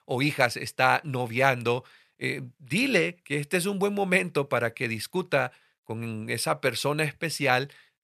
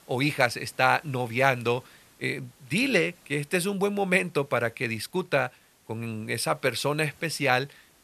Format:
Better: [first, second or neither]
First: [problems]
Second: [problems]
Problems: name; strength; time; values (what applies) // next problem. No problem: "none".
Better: first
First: none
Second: hiss; faint; throughout; 30 dB below the speech